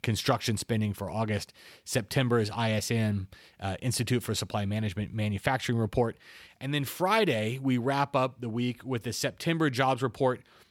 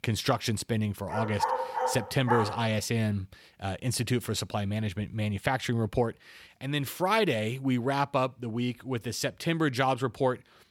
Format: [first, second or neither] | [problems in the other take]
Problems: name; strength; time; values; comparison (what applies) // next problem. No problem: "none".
first | dog barking; loud; from 1 to 2.5 s; peak level with the speech